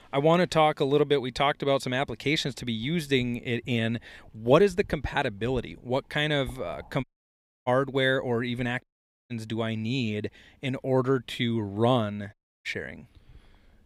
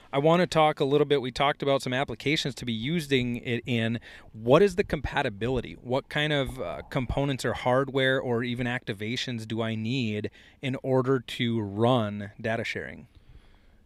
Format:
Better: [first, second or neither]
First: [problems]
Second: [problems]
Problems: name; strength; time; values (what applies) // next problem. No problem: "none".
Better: second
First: audio cutting out; at 7 s for 0.5 s, at 9 s and at 12 s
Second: none